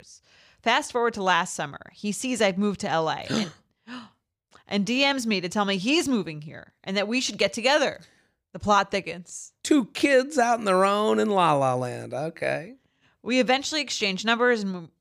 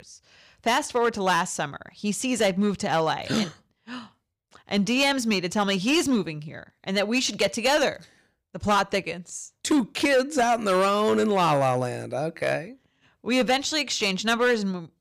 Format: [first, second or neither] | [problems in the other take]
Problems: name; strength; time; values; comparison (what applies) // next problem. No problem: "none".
first | distortion; slight; 5% of the sound clipped